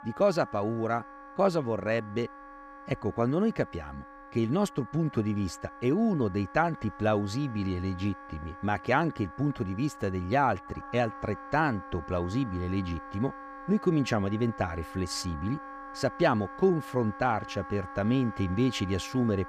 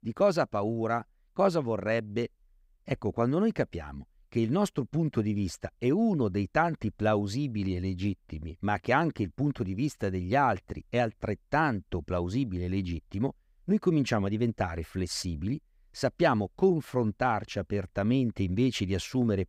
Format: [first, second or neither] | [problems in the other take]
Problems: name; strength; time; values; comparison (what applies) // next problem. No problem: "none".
second | background music; noticeable; throughout; 15 dB below the speech